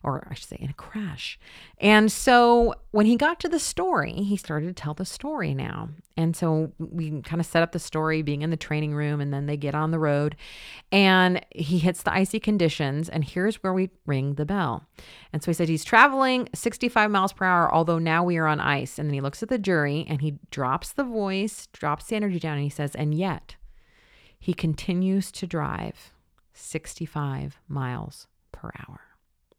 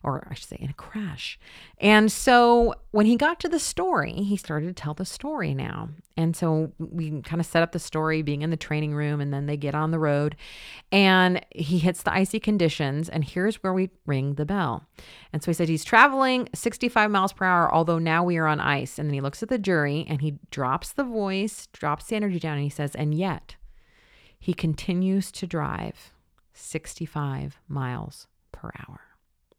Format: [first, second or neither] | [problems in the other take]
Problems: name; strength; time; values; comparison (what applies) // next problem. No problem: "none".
neither | none